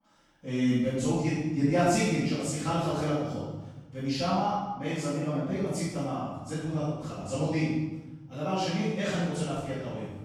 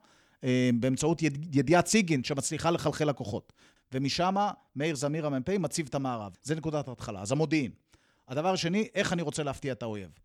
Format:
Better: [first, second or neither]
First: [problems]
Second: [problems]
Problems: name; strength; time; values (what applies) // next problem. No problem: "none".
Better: second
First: off-mic speech; far // room echo; strong; dies away in 1.2 s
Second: none